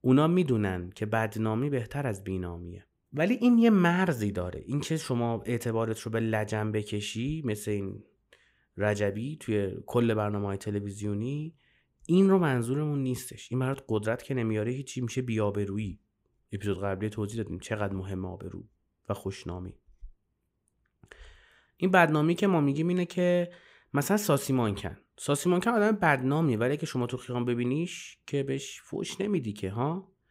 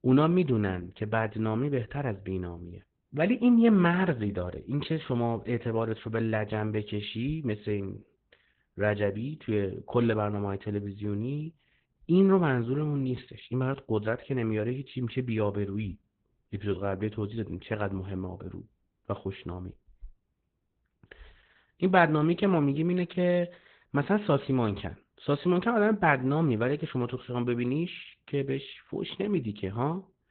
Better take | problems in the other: first | garbled, watery; badly; nothing above 4 kHz

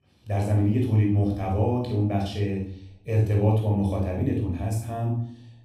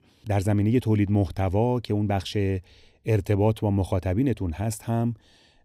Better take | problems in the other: second | off-mic speech; far // room echo; noticeable; dies away in 0.5 s

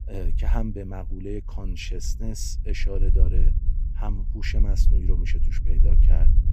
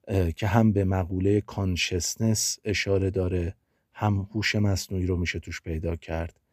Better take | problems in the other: second | low rumble; loud; throughout; 8 dB below the speech

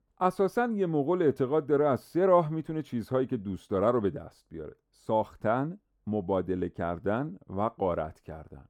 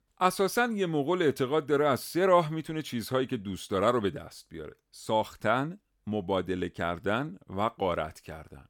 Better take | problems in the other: second | muffled; slightly; fading above 1.5 kHz

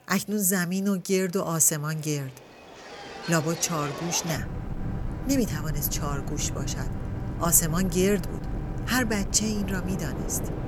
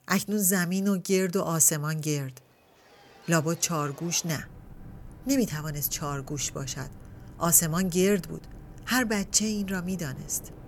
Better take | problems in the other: second | train or aircraft noise; loud; throughout; 8 dB below the speech; faint in the second

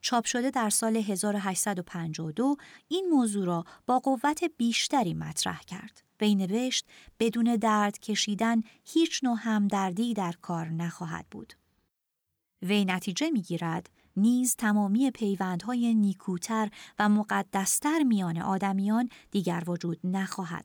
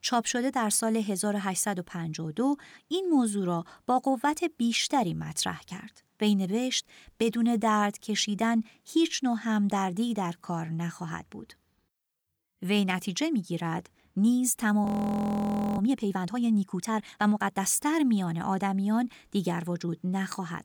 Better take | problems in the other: first | audio freezing; at 15 s for 1 s

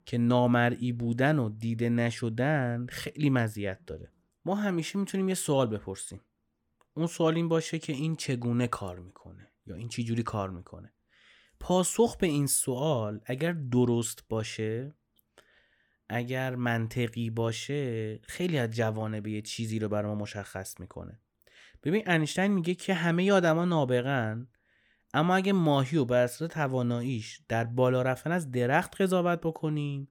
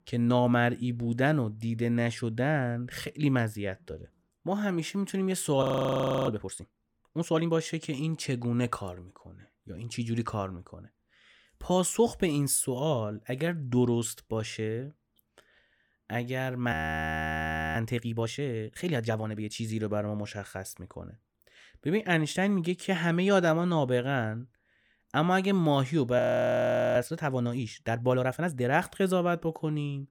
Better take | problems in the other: first | audio freezing; at 5.5 s for 0.5 s, at 17 s for 1 s and at 26 s for 1 s

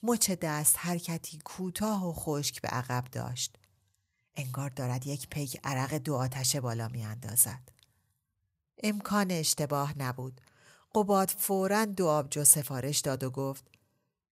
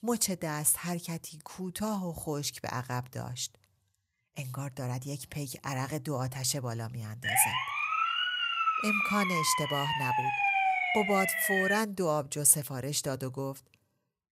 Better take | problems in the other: first | siren; loud; from 7 to 12 s; peak 5 dB above the speech

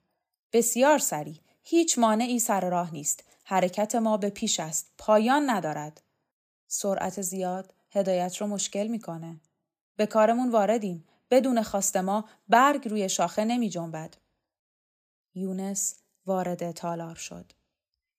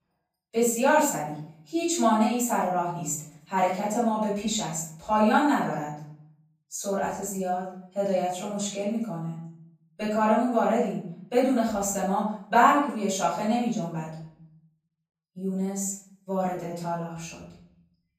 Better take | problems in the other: first | room echo; noticeable; dies away in 0.6 s // off-mic speech; far

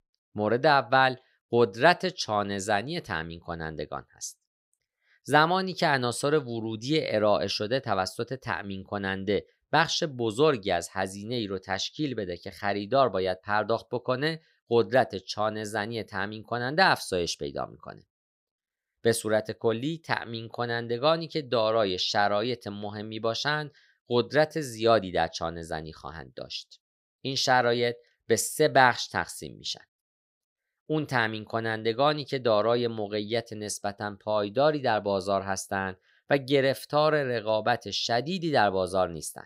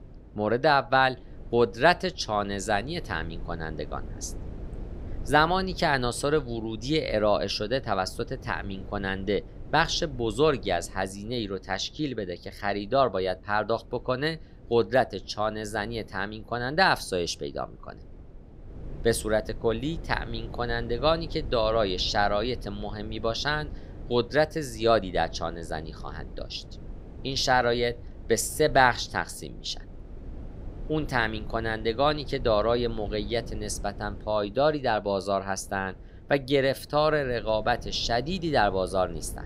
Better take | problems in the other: first | low rumble; faint; throughout; 25 dB below the speech

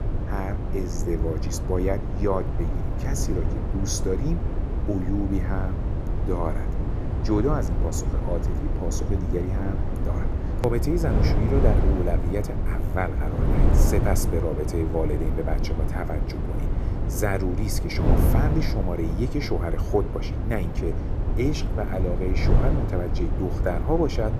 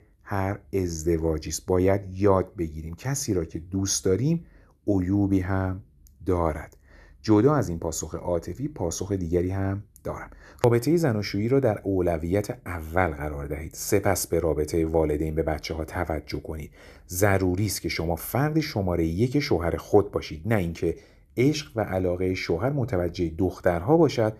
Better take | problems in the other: second | wind noise on the microphone; heavy; 5 dB below the speech

